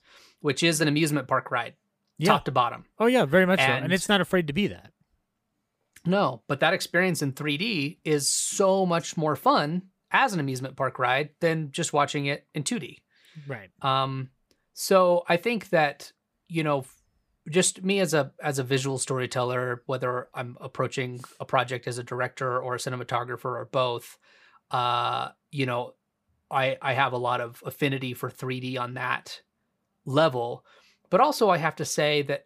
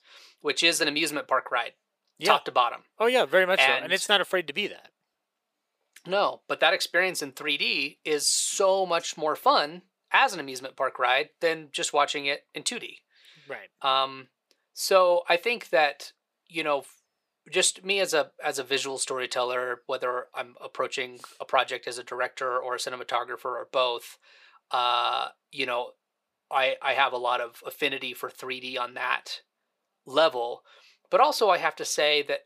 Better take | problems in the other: first | thin; somewhat; fading below 500 Hz

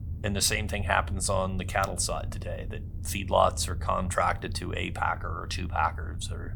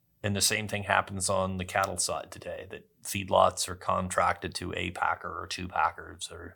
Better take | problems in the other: second | low rumble; faint; throughout; 25 dB below the speech

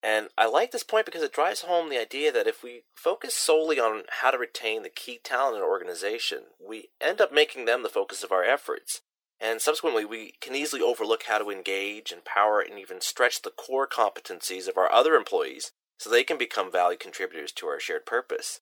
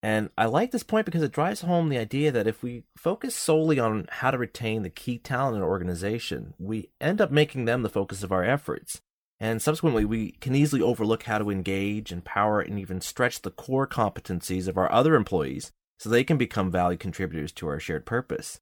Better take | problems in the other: second | thin; very; fading below 400 Hz

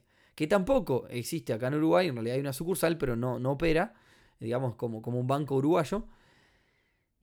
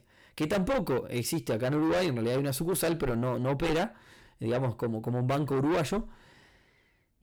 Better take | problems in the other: first | distortion; heavy; 6 dB below the speech

